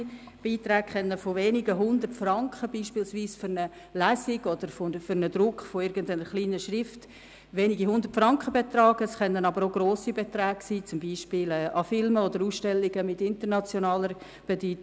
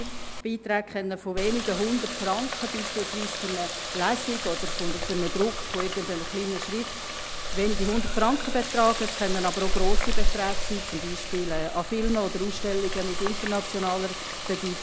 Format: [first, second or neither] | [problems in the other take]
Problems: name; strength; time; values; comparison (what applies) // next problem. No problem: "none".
first | background sound (Water tap, faucet); 1 dB above the speech